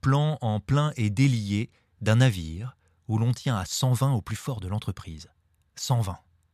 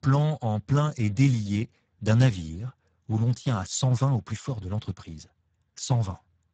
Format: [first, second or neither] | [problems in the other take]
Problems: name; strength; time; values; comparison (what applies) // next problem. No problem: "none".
first | garbled, watery; badly; nothing above 7.5 kHz